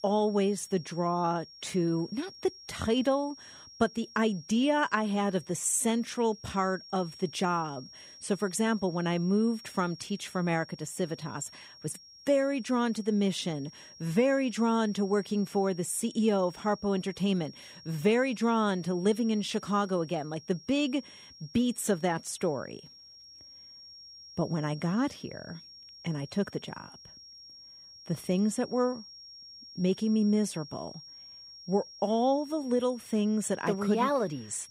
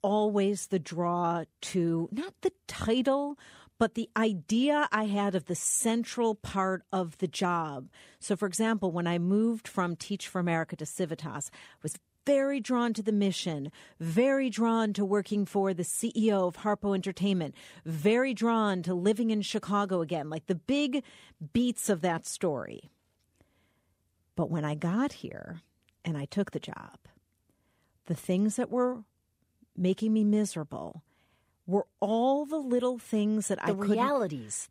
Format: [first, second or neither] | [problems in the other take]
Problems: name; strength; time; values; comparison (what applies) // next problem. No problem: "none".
second | high-pitched whine; noticeable; throughout; 5.5 kHz, 20 dB below the speech